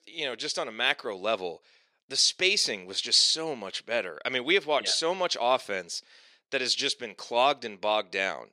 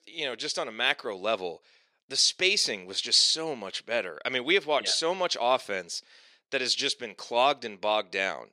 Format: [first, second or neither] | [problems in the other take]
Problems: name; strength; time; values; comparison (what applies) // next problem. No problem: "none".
neither | thin; somewhat; fading below 400 Hz; the same in both